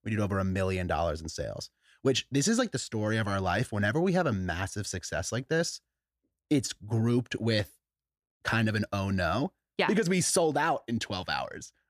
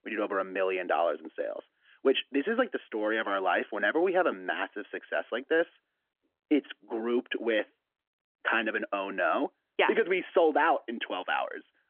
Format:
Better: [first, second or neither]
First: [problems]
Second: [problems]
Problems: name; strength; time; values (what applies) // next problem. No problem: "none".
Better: first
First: none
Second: phone-call audio; nothing above 3.5 kHz